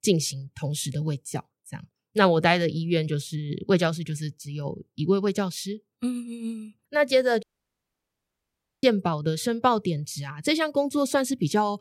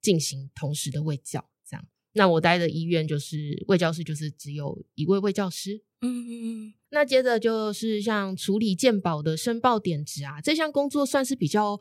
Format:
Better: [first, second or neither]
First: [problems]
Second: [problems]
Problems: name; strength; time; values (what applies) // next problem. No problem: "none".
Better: second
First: audio cutting out; at 7.5 s for 1.5 s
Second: none